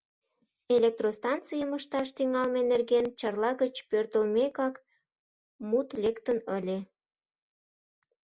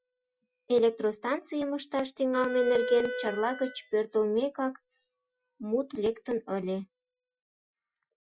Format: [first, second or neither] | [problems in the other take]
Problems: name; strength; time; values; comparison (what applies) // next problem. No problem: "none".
first | noise reduction (classical method Wiener filter)